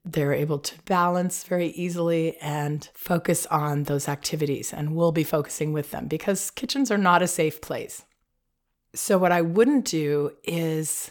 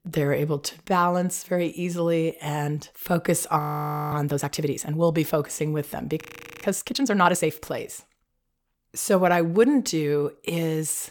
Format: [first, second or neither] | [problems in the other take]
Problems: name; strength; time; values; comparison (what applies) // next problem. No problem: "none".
first | audio freezing; at 3.5 s for 0.5 s and at 6 s